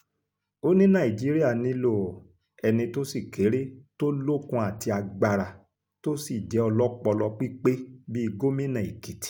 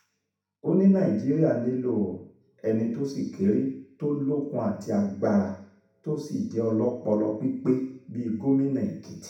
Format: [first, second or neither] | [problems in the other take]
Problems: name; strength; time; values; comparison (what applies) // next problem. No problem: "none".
first | room echo; dies away in 0.7 s